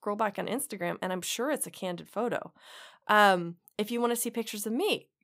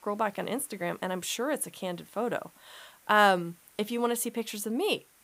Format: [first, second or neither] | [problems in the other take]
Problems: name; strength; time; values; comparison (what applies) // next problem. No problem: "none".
first | hiss; faint; throughout; 30 dB below the speech